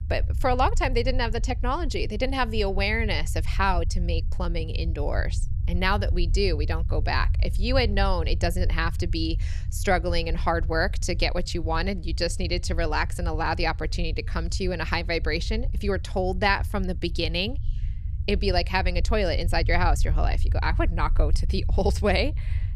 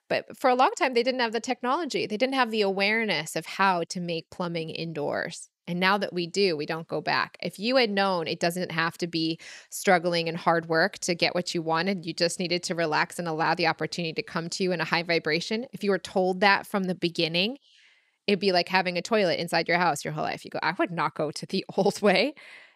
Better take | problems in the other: second | low rumble; faint; throughout; 20 dB below the speech

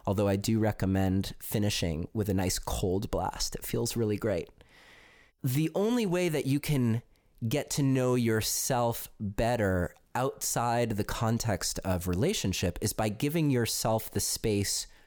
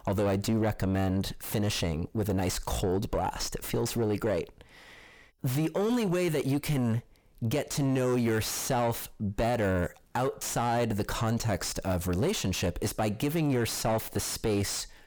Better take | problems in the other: first | distortion; slight; 9 dB below the speech

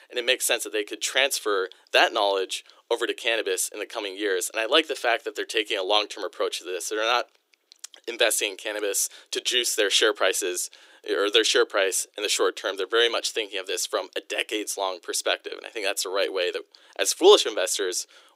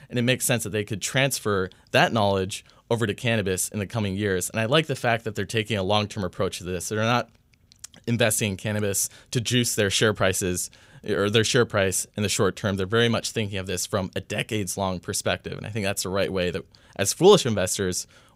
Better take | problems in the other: second | thin; very; fading below 300 Hz

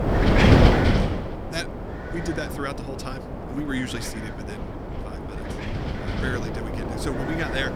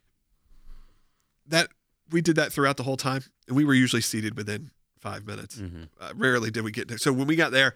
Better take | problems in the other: second | wind noise on the microphone; heavy; 5 dB above the speech

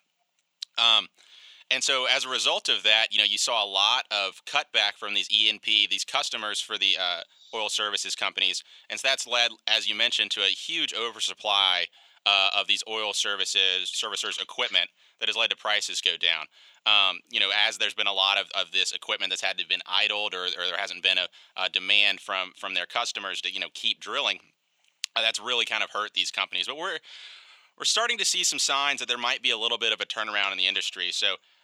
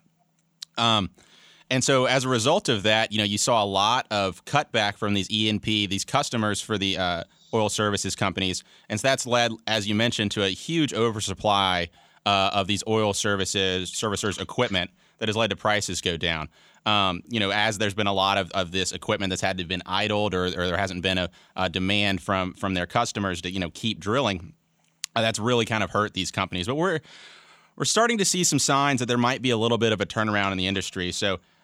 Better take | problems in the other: second | thin; very; fading below 600 Hz

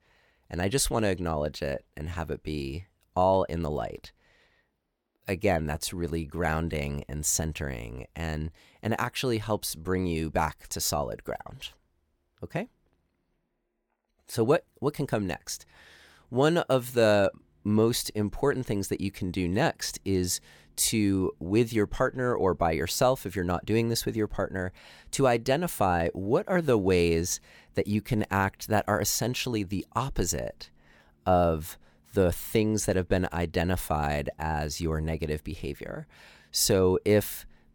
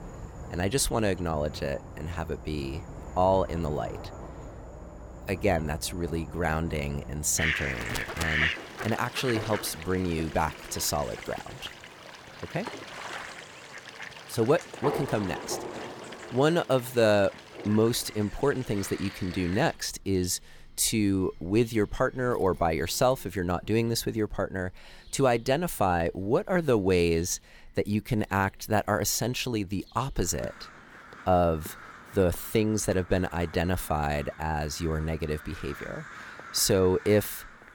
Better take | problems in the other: first | animal sounds; noticeable; throughout; 10 dB below the speech

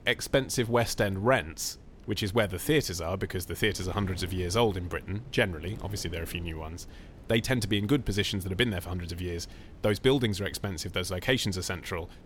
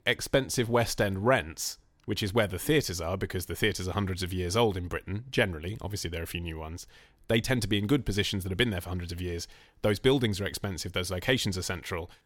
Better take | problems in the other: second | wind noise on the microphone; occasional gusts; 25 dB below the speech

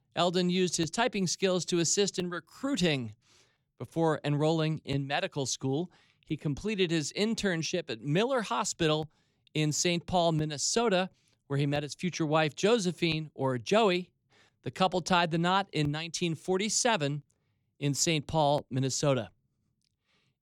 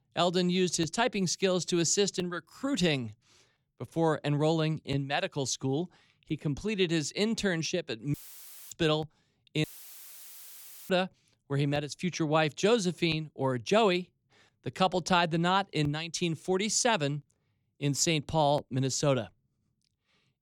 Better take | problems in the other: first | audio cutting out; filled with static; at 8 s for 0.5 s and at 9.5 s for 1.5 s

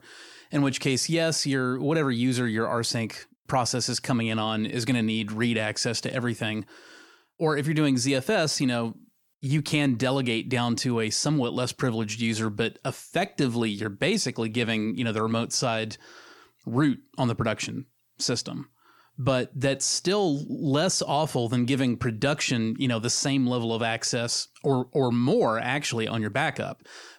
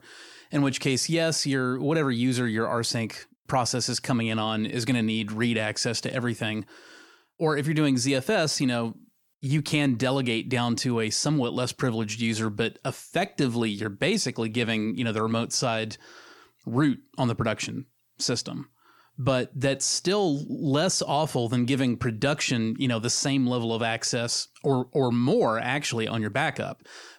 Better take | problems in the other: neither | none

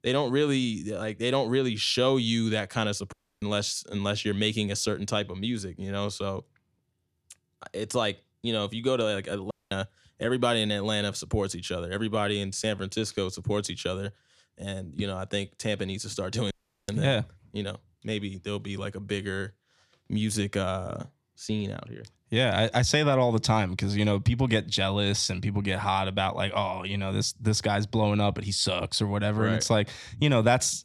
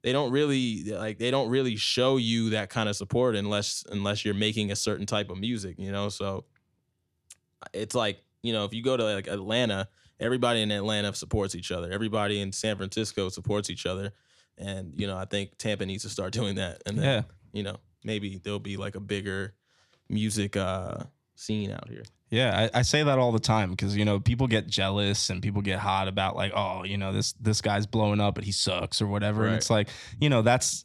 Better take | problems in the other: second | audio cutting out; at 3 s, at 9.5 s and at 17 s

